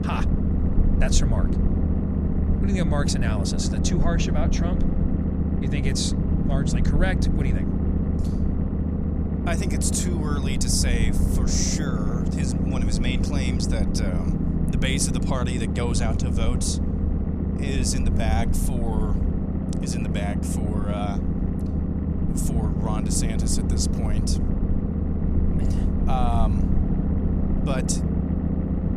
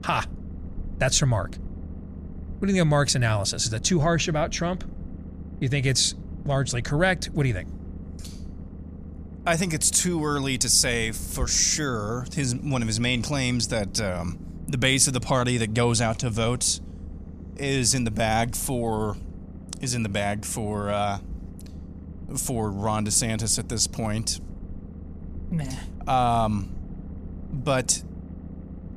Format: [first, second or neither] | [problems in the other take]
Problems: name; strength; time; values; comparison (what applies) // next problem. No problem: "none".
second | low rumble; loud; throughout; 2 dB below the speech; faint in the second